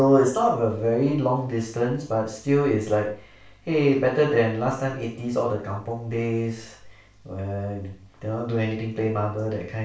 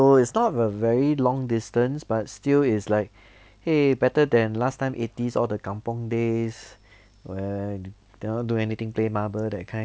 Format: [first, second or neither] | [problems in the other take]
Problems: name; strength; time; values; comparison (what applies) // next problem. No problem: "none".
second | room echo; dies away in 0.4 s